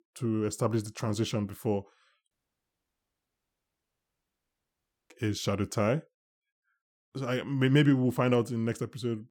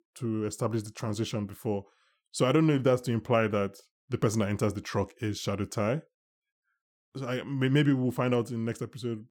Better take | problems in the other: second | audio cutting out; at 2.5 s for 3 s

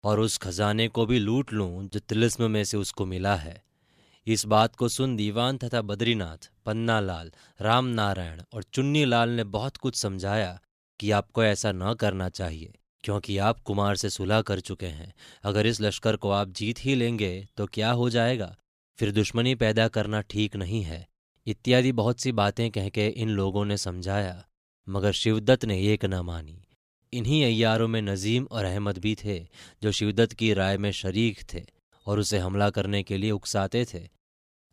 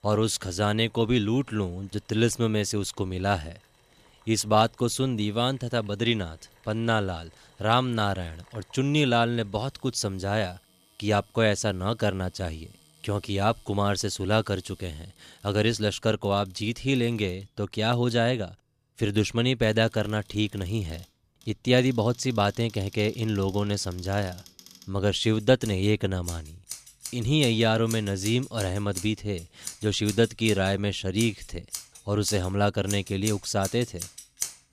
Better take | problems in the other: first | household noises; noticeable; throughout; 15 dB below the speech

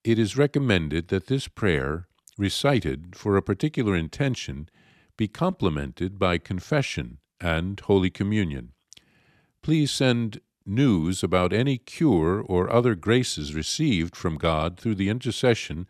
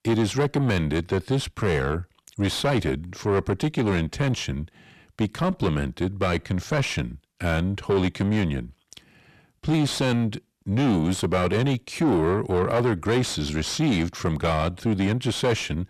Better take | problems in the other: first | distortion; heavy; 8 dB below the speech

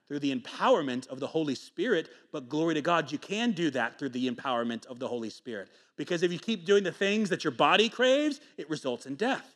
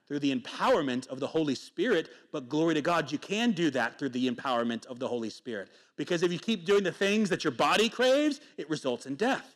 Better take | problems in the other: first | distortion; slight; 3% of the sound clipped

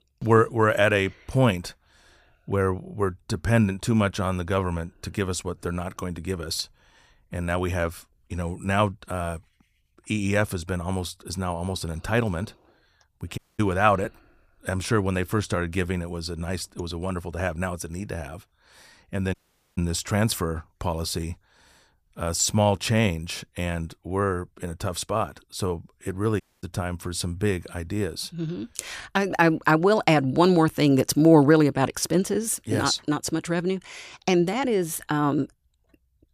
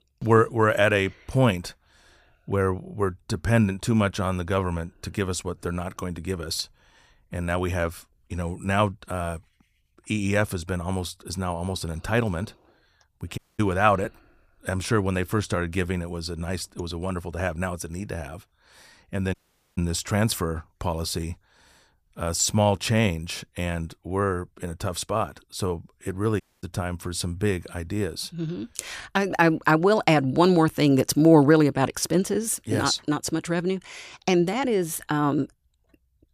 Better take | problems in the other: neither | audio cutting out; at 13 s, at 19 s and at 26 s; the same in both

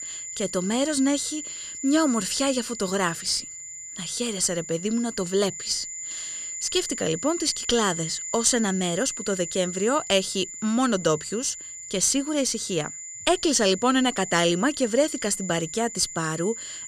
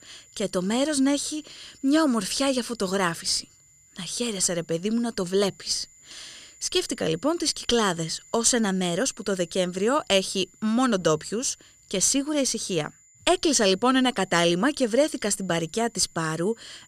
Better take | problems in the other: second | high-pitched whine; loud; throughout; 7 kHz, 9 dB below the speech; faint in the second

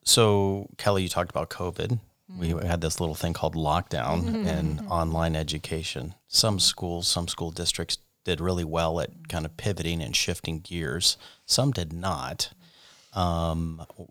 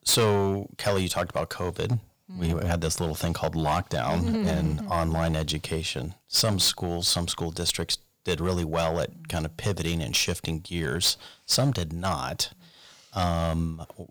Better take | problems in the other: first | distortion; slight; 5% of the sound clipped

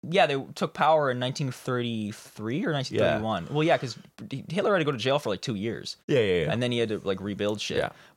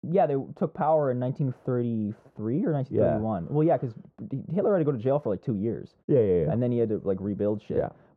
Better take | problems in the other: first | muffled; very; fading above 1.5 kHz

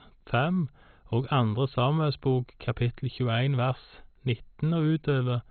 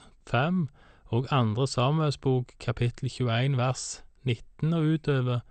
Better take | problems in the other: second | garbled, watery; badly; nothing above 4 kHz; slightly in the second

